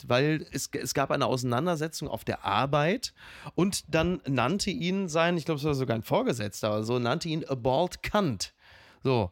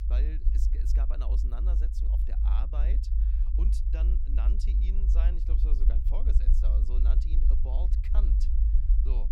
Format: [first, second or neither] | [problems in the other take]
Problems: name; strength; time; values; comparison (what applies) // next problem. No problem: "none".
first | low rumble; loud; throughout; 1 dB below the speech